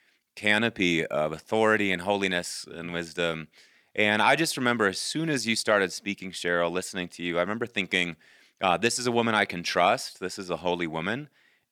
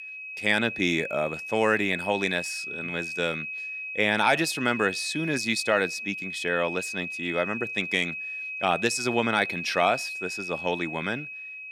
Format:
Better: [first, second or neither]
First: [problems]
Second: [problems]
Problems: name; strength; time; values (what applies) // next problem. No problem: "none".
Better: first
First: none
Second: high-pitched whine; loud; throughout; 2.5 kHz, 6 dB below the speech